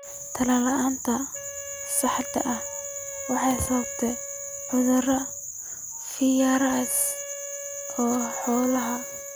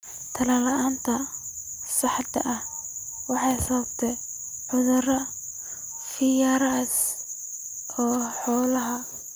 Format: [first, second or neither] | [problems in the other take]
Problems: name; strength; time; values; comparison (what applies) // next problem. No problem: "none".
second | background sound (Wind instrument, woodwind instrument); 15 dB below the speech